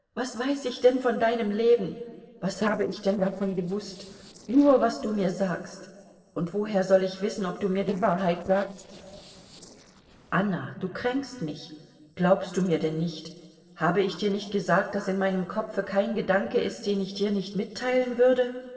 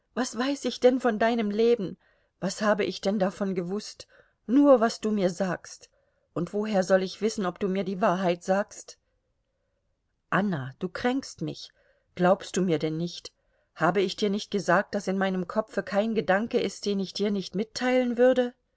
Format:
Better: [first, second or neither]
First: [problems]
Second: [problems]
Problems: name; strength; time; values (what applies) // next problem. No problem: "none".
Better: second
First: noise reduction (neural separator model SepFormer DNS4)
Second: none